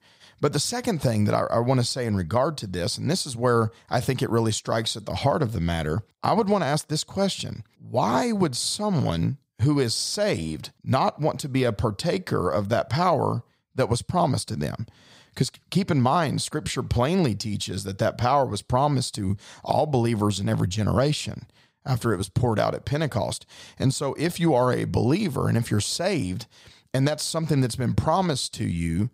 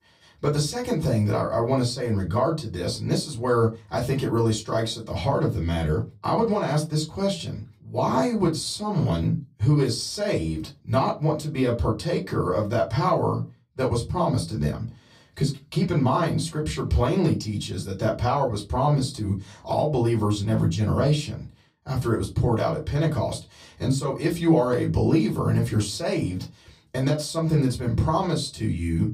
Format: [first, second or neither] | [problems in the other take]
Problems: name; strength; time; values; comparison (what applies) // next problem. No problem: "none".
first | off-mic speech; far // room echo; very slight; dies away in 0.2 s